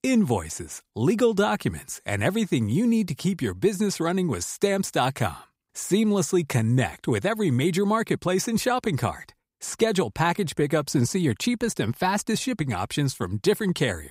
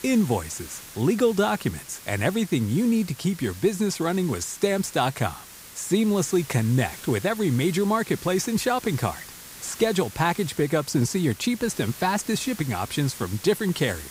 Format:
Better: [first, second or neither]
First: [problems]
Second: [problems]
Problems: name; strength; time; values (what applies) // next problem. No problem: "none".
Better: first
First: none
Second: hiss; noticeable; throughout; 15 dB below the speech